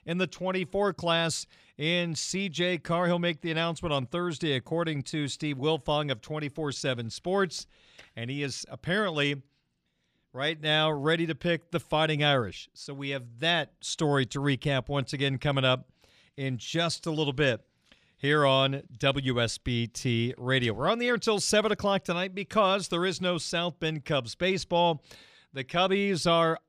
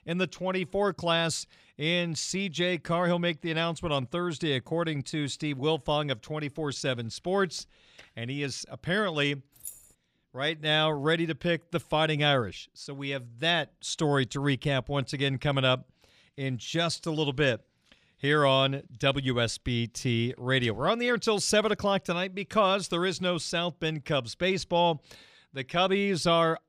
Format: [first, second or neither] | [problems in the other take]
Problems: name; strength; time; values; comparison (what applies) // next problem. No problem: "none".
first | jangling keys; faint; at 9.5 s; peak 15 dB below the speech